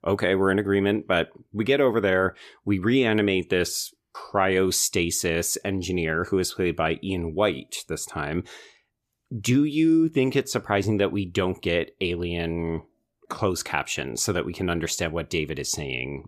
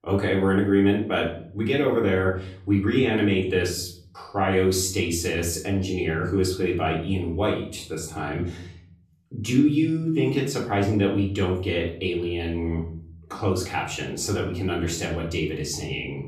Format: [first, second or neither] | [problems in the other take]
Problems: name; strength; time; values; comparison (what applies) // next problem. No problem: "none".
first | off-mic speech; far // room echo; slight; dies away in 0.7 s